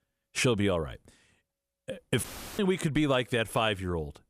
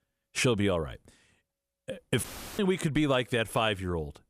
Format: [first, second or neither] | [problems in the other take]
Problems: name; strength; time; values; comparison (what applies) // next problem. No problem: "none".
neither | audio cutting out; filled with static; at 2 s; the same in both